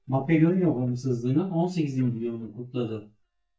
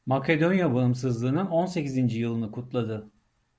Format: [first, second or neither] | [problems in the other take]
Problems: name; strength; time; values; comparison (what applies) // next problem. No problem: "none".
second | noise reduction (neural mask model DeepFilterNet 3)